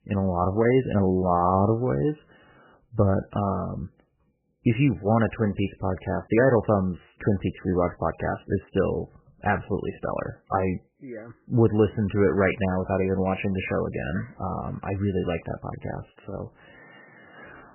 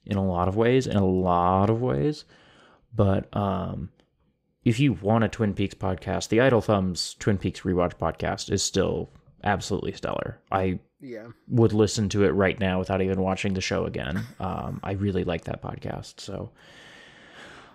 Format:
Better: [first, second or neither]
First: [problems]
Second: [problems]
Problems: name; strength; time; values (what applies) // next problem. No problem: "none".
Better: second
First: garbled, watery; badly; nothing above 3 kHz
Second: none